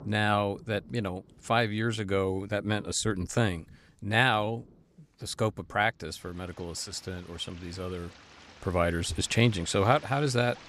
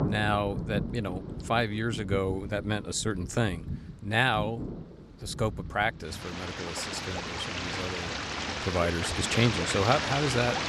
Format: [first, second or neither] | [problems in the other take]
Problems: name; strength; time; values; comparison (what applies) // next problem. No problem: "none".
first | rain or running water; loud; throughout; 5 dB below the speech; faint in the first